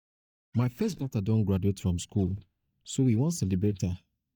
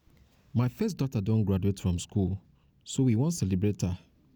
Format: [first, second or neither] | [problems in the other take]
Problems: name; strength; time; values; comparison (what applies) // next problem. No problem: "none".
second | noise reduction (neural mask model DeepFilterNet 3)